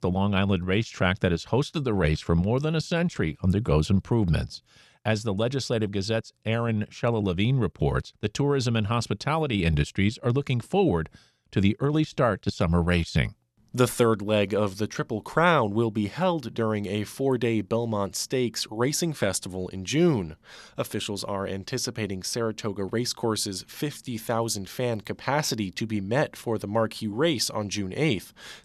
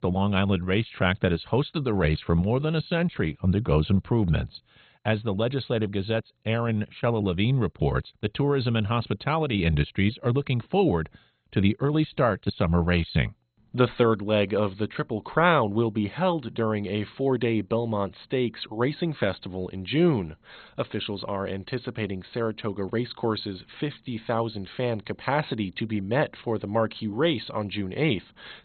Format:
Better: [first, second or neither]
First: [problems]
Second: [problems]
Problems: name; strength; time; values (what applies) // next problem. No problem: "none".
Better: first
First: none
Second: garbled, watery; badly; nothing above 4 kHz